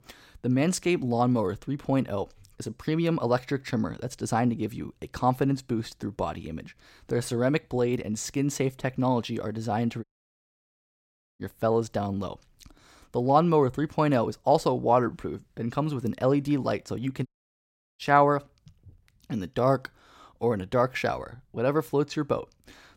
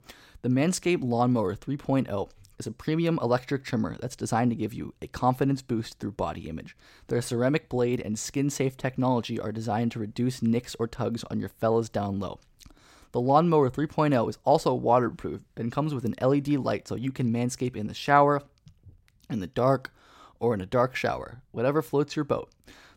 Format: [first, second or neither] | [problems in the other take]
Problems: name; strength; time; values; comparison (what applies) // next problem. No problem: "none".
second | audio cutting out; at 10 s for 1.5 s and at 17 s for 0.5 s